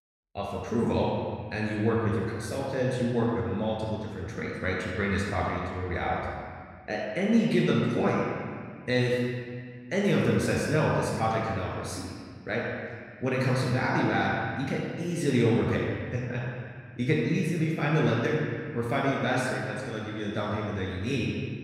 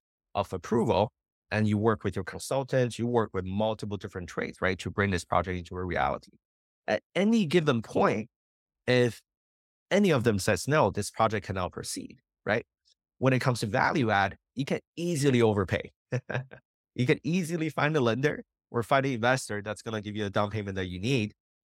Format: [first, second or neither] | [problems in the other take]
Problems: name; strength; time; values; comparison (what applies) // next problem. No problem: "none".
second | room echo; strong; dies away in 1.9 s // off-mic speech; far